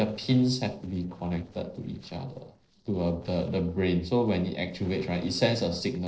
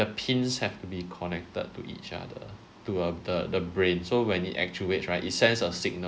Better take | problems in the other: second | noise reduction (neural separator model SepFormer DNS4)

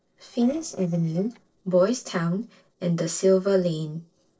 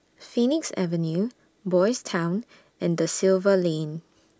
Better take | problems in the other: second | noise reduction (neural separator model SepFormer DNS4)

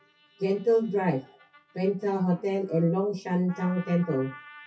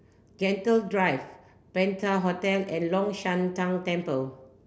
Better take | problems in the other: second | noise reduction (classical method WPE with log-MMSE)

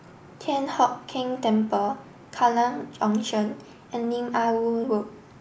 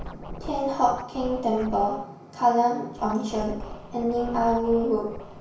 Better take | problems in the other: first | background sound (Scratching (performance technique)); 13 dB below the speech // room echo; dies away in 0.6 s

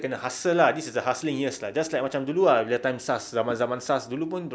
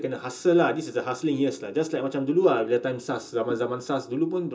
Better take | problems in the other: first | room echo; dies away in 0.2 s

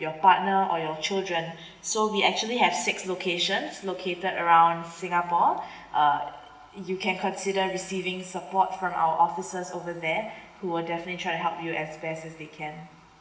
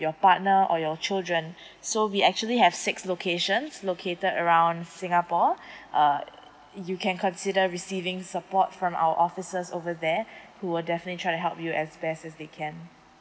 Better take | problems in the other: second | room echo; dies away in 1 s

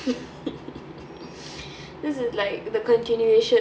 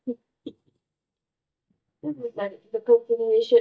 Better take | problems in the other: first | noise reduction (neural mask model DeepFilterNet 3)

